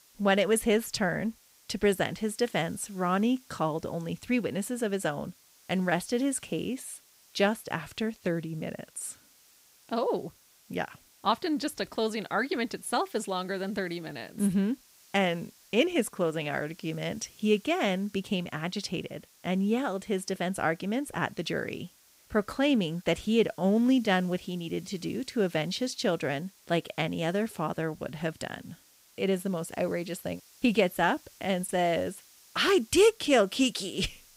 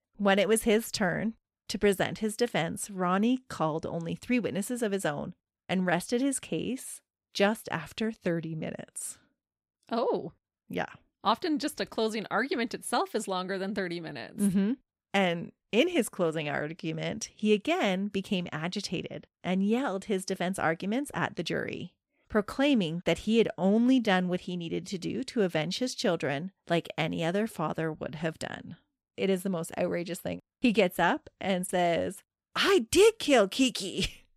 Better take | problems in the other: second | hiss; faint; throughout; 25 dB below the speech

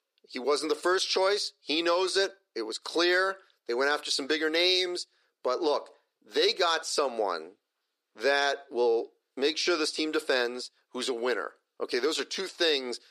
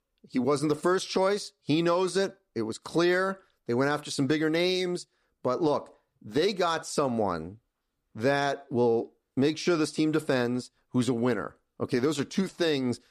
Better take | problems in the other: second | thin; somewhat; fading below 400 Hz

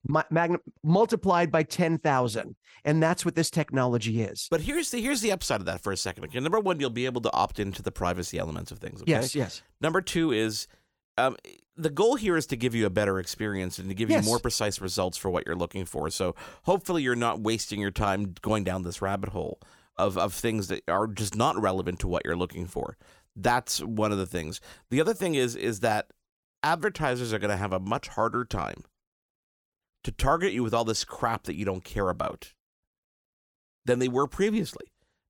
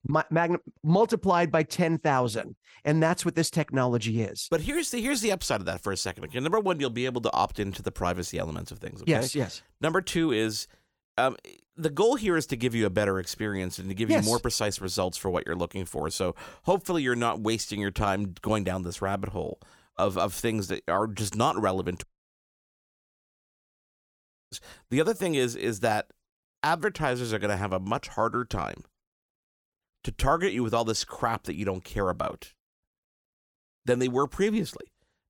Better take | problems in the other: first | audio cutting out; at 22 s for 2.5 s

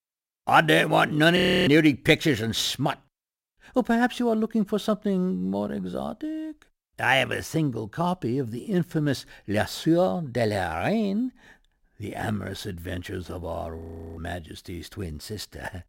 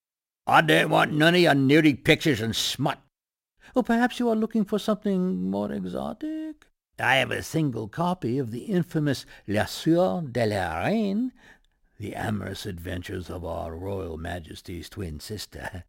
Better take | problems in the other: second | audio freezing; at 1.5 s and at 14 s

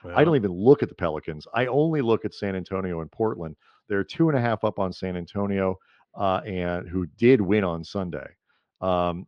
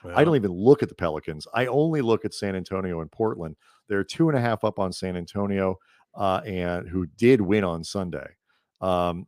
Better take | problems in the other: second | muffled; very slightly; fading above 4 kHz

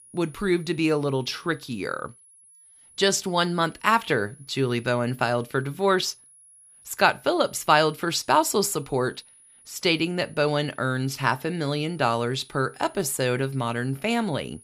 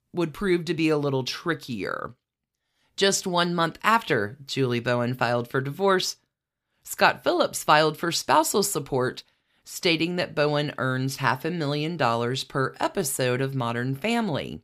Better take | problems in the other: second | high-pitched whine; faint; throughout; 10.5 kHz, 25 dB below the speech

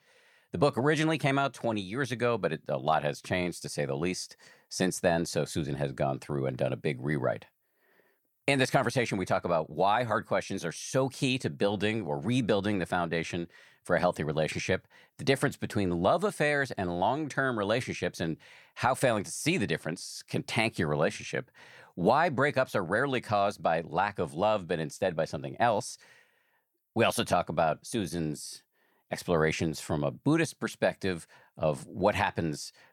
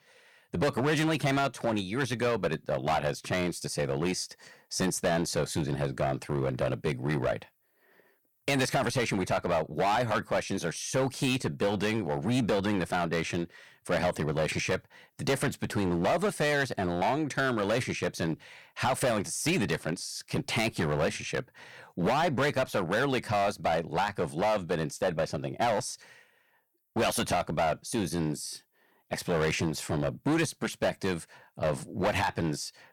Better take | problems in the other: first | distortion; heavy; 11% of the sound clipped

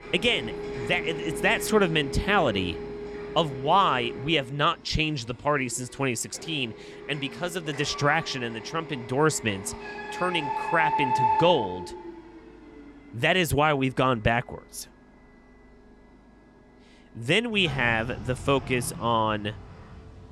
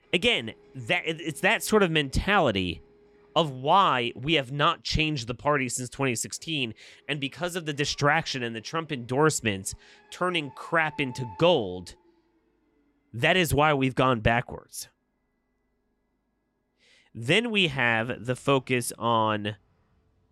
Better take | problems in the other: second | household noises; loud; throughout; 8 dB below the speech; faint in the second

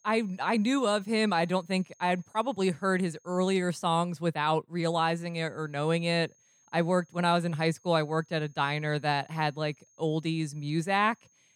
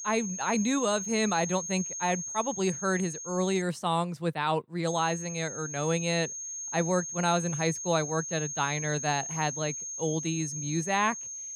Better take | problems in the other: first | high-pitched whine; loud; until 3.5 s and from 5 s on; 6.5 kHz, 5 dB below the speech; faint in the first

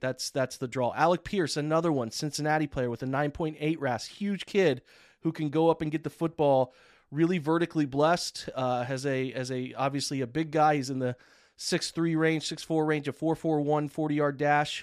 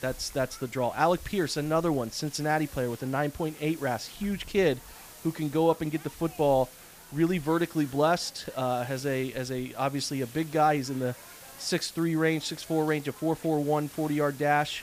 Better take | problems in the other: first | hiss; noticeable; throughout; 20 dB below the speech

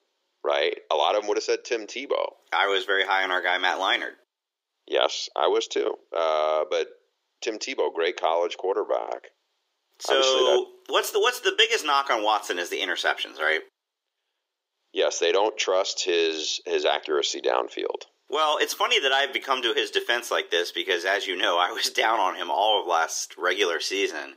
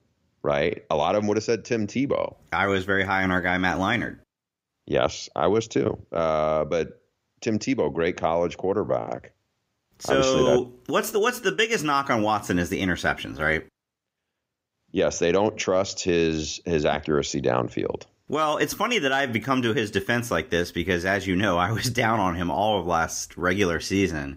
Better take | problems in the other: second | thin; very; fading below 350 Hz

